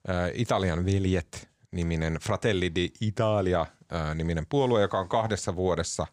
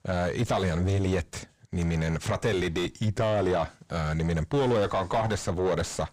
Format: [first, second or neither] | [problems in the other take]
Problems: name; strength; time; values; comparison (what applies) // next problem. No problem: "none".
first | distortion; heavy; 5 dB below the speech